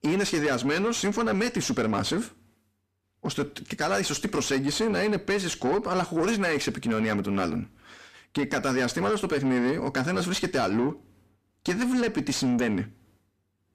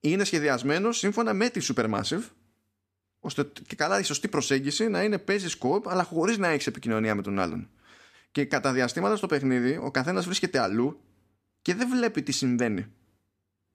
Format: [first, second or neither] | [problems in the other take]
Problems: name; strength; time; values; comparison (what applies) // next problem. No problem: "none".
second | distortion; heavy; 7 dB below the speech